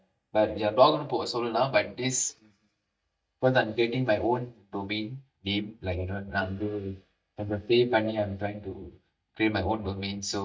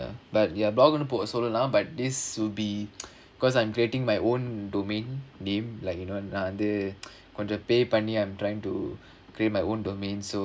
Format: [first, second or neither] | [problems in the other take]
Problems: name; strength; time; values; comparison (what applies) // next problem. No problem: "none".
second | noise reduction (neural mask model DeepFilterNet 3)